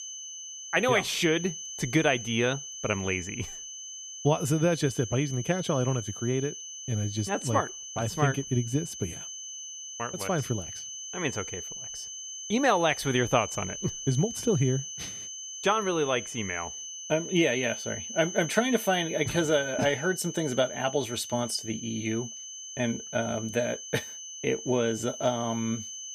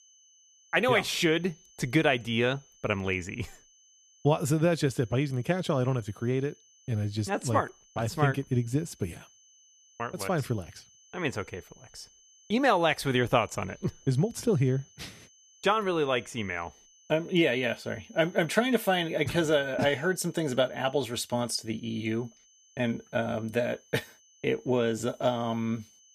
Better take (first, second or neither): second